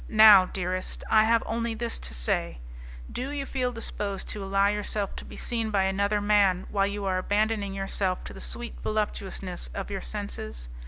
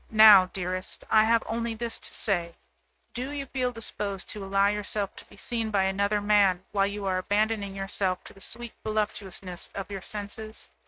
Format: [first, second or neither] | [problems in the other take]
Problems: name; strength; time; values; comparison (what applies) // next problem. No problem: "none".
first | noise reduction (neural mask model RNNoise)